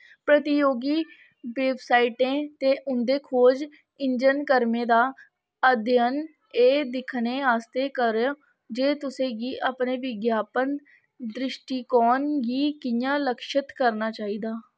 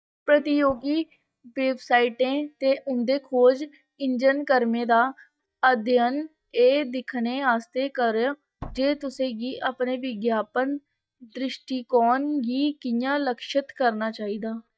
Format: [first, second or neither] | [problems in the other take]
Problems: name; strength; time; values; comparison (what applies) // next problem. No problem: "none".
first | noise reduction (neural mask model DeepFilterNet 3)